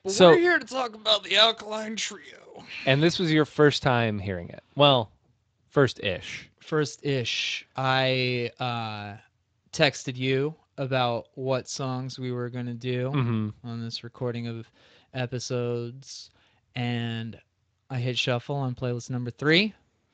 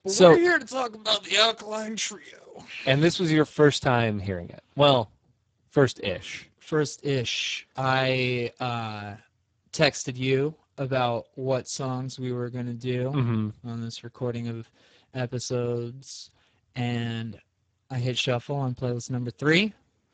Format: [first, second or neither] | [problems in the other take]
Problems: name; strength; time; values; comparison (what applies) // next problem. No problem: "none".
first | garbled, watery; badly; nothing above 8 kHz; slightly in the first